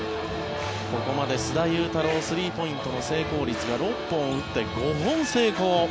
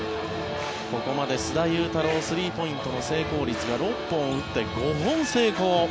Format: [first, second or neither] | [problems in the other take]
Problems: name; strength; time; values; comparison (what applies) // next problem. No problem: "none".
second | background sound (Accelerating, revving, vroom / Car); 16 dB below the speech